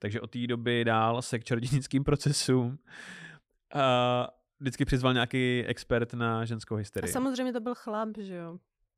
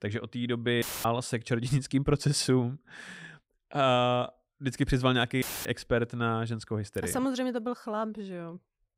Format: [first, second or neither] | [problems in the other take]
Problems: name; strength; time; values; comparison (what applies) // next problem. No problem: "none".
first | audio cutting out; filled with static; at 1 s and at 5.5 s